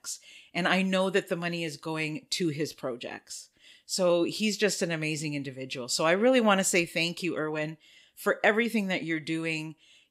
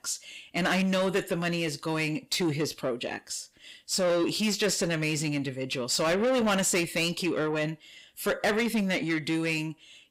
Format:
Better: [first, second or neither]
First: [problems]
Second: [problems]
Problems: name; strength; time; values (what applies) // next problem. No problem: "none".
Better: first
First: none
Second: distortion; heavy; 7 dB below the speech